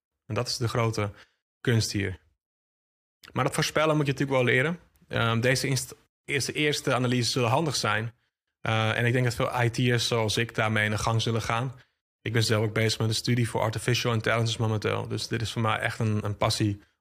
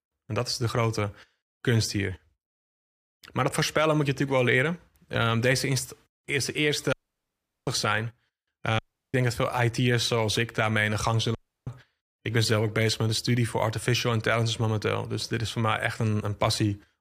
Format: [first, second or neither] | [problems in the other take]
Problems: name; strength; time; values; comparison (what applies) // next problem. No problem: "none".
first | audio cutting out; at 7 s for 0.5 s, at 9 s and at 11 s